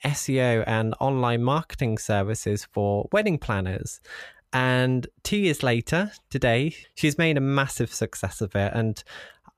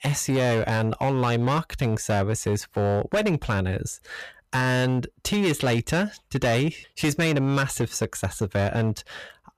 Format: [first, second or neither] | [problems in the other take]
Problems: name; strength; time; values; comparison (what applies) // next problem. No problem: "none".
first | distortion; slight; 13% of the sound clipped